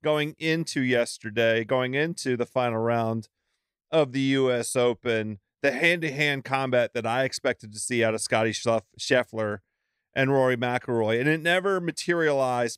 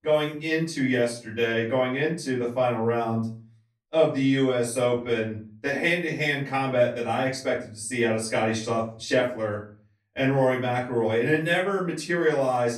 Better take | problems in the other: first | off-mic speech; far // room echo; slight; dies away in 0.4 s

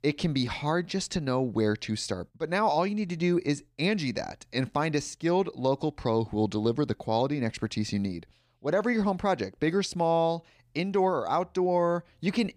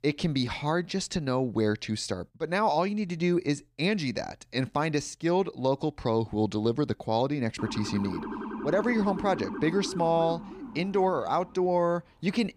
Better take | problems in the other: first | siren; noticeable; from 7.5 to 12 s; peak 7 dB below the speech

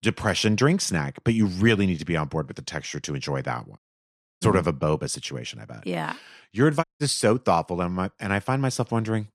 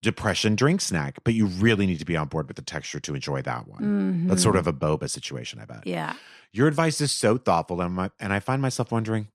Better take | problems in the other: second | audio cutting out; at 4 s for 0.5 s and at 7 s

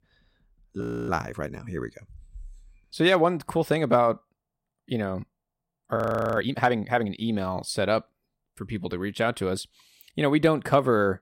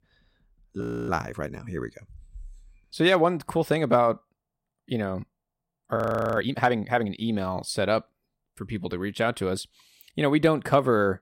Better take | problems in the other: neither | audio freezing; at 1 s and at 6 s; the same in both

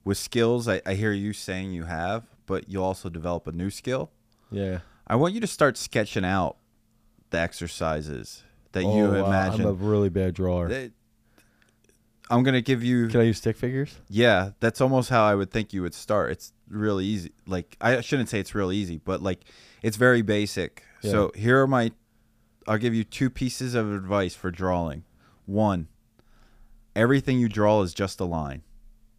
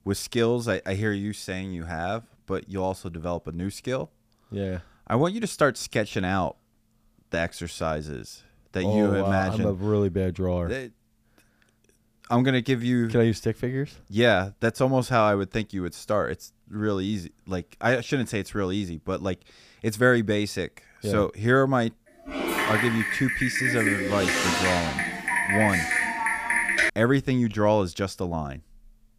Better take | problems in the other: first | keyboard typing; loud; from 22 to 27 s; peak 5 dB above the speech

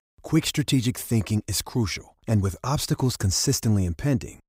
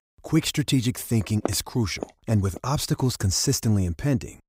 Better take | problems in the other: first | footsteps; noticeable; from 1.5 to 2.5 s; peak 9 dB below the speech

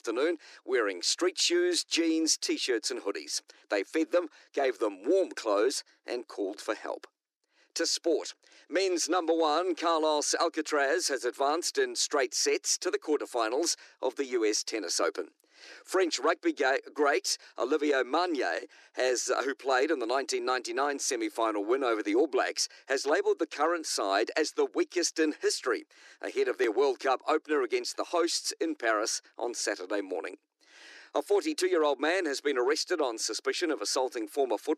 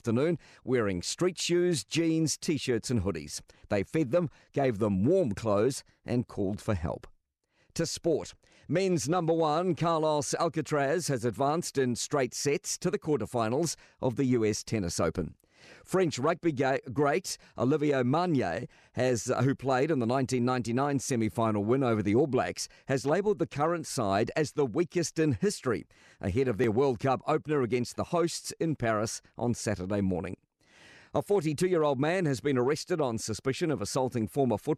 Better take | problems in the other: second | thin; somewhat; fading below 300 Hz

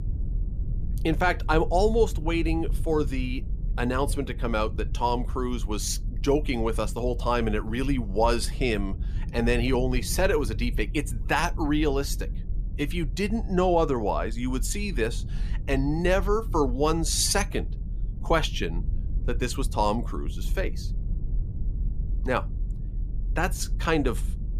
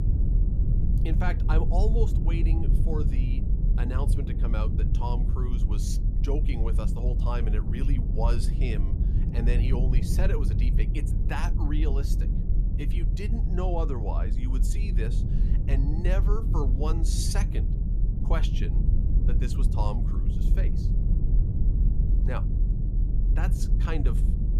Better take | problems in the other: first | low rumble; loud; throughout; 5 dB below the speech; faint in the first

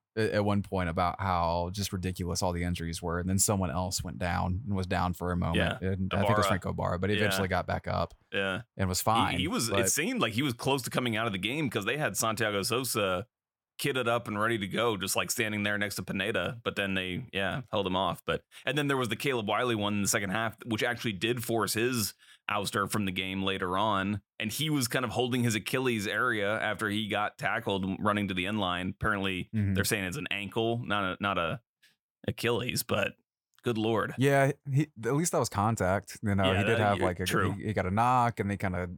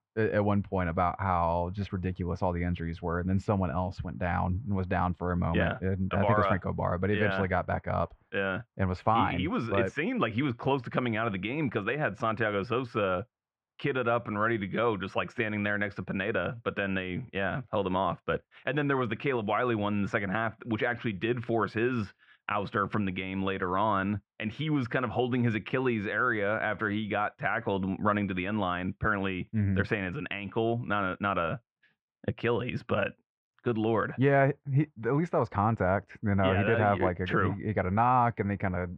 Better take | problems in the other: first | muffled; very; fading above 2.5 kHz

